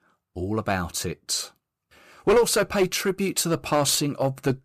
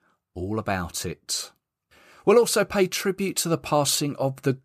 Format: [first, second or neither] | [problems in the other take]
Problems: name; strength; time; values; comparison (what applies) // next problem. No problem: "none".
second | distortion; slight; 3% of the sound clipped